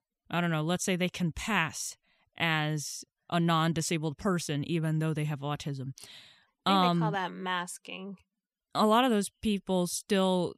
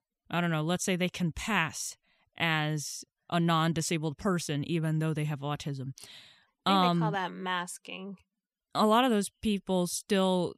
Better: neither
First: none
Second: none

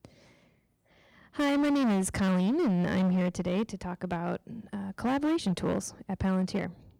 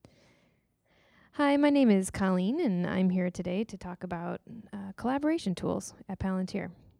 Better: second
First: distortion; heavy; 14% of the sound clipped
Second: none

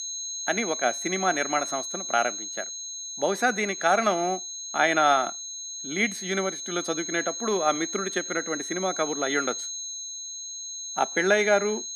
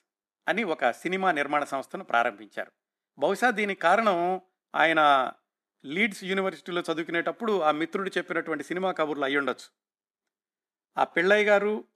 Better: second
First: high-pitched whine; loud; throughout; 6.5 kHz, 6 dB below the speech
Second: none

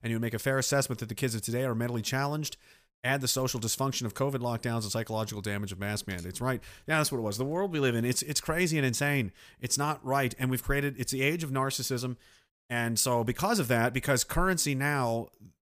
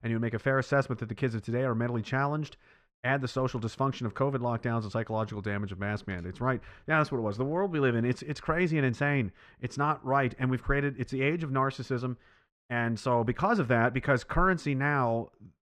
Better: first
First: none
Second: muffled; very; fading above 2 kHz

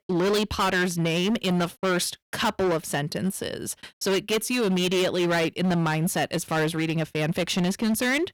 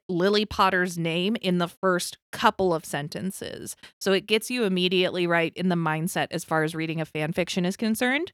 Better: second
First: distortion; heavy; 19% of the sound clipped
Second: none

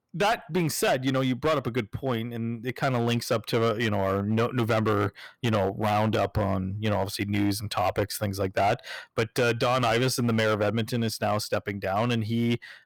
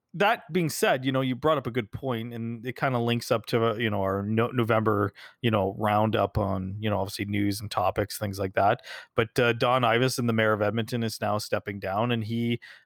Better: second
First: distortion; slight; 9% of the sound clipped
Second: none

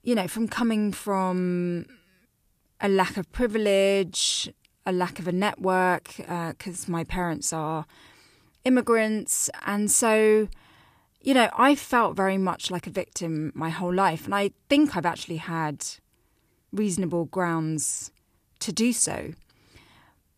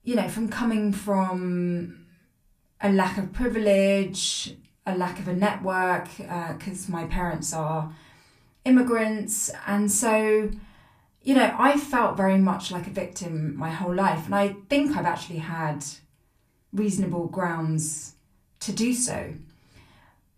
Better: first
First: none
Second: off-mic speech; somewhat distant // room echo; very slight; dies away in 0.3 s

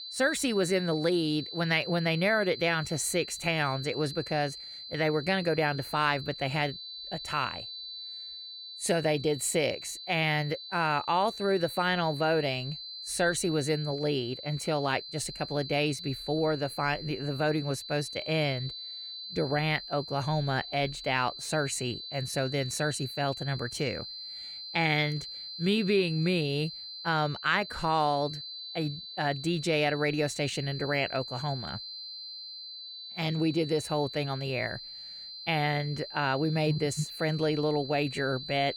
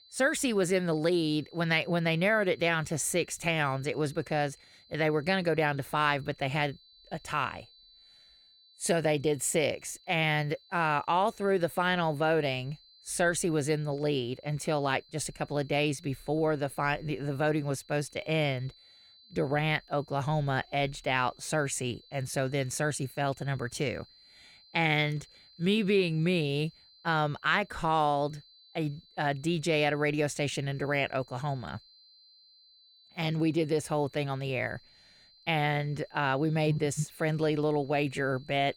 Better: second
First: high-pitched whine; loud; throughout; 4 kHz, 9 dB below the speech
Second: high-pitched whine; faint; throughout; 4 kHz, 25 dB below the speech

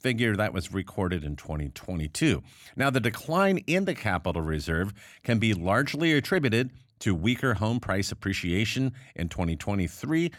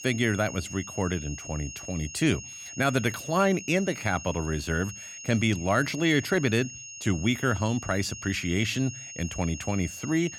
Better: first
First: none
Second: high-pitched whine; noticeable; throughout; 6.5 kHz, 10 dB below the speech

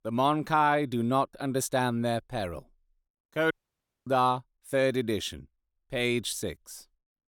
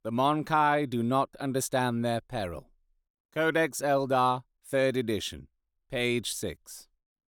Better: second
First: audio cutting out; at 3.5 s for 0.5 s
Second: none

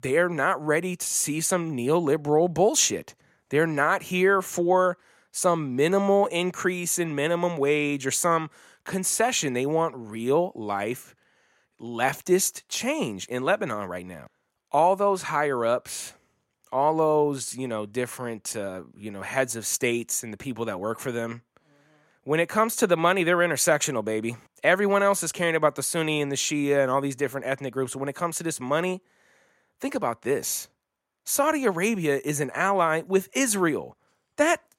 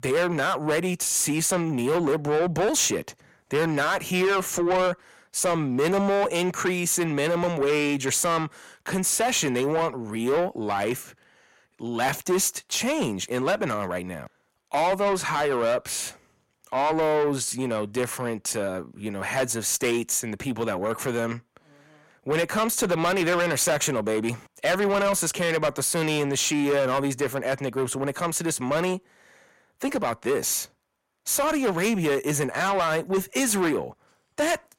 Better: first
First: none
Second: distortion; heavy; 7 dB below the speech

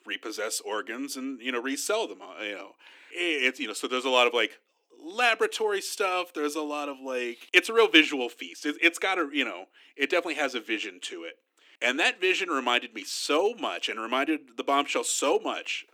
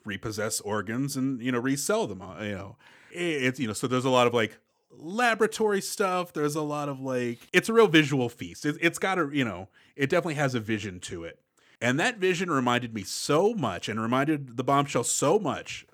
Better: second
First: thin; very slightly; fading below 300 Hz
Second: none

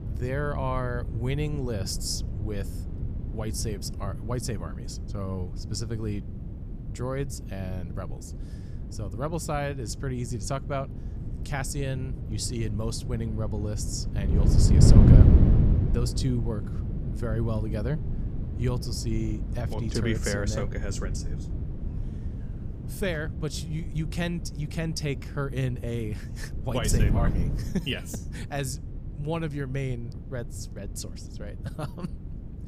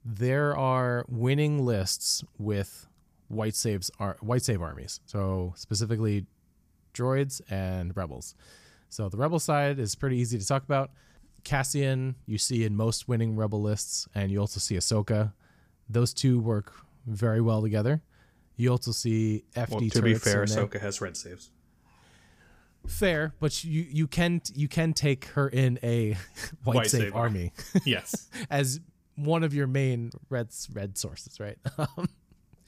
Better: second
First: wind noise on the microphone; heavy; 5 dB below the speech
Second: none

